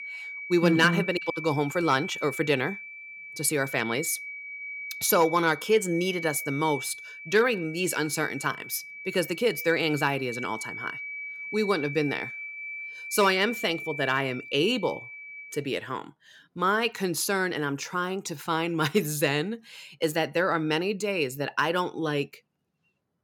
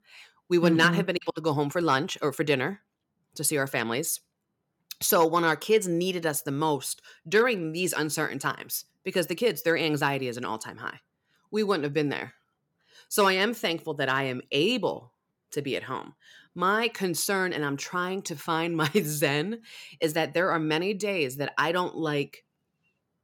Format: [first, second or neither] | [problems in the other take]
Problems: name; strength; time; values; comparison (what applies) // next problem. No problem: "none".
second | high-pitched whine; loud; until 16 s; 2.5 kHz, 9 dB below the speech